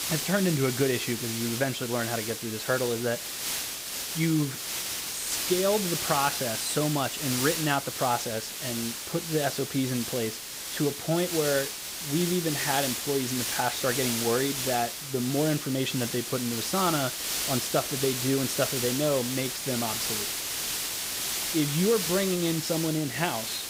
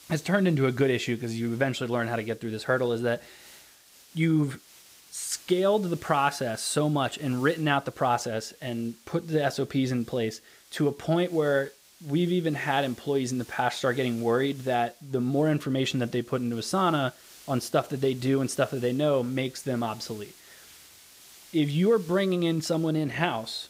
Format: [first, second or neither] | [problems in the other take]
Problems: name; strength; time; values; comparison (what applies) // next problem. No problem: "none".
second | hiss; loud; throughout; 1 dB below the speech; faint in the second